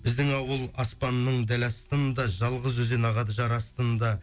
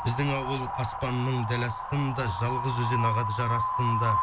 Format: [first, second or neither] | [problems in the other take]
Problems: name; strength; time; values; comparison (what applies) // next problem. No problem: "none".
first | background sound (Wind); 2 dB below the speech